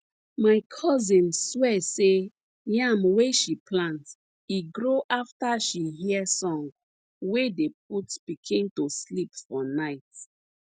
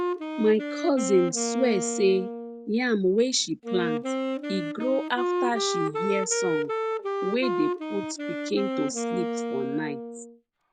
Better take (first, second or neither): first